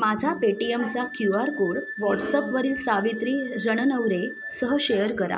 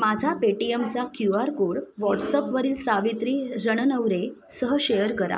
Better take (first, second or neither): second